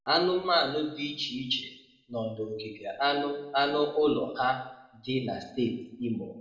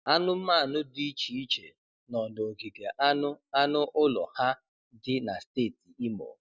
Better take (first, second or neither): second